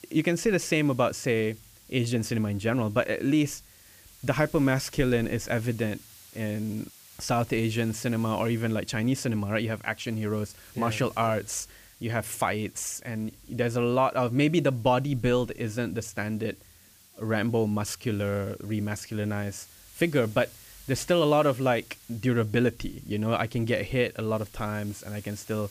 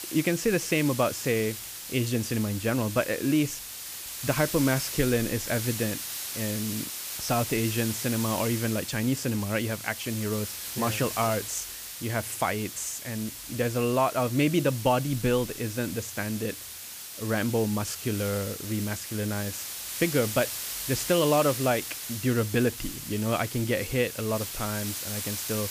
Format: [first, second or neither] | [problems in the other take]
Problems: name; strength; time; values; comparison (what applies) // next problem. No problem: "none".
first | hiss; loud; throughout; 6 dB below the speech; faint in the first